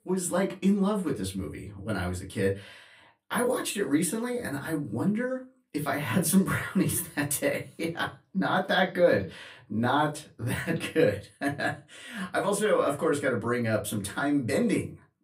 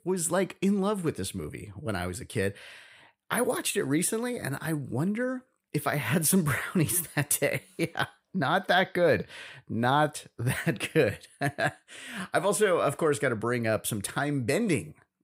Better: second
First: off-mic speech; far // room echo; very slight; dies away in 0.2 s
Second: none

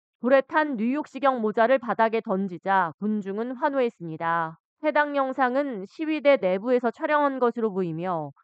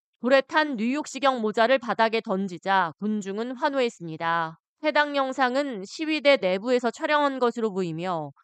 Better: second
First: muffled; very; fading above 3.5 kHz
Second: none

